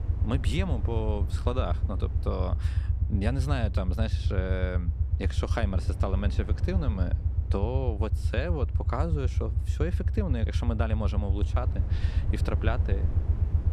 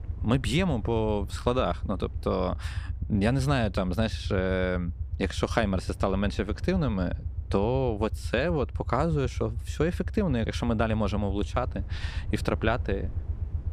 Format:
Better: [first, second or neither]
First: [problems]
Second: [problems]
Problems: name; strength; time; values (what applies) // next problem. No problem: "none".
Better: second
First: low rumble; loud; throughout; 9 dB below the speech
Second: low rumble; faint; throughout; 20 dB below the speech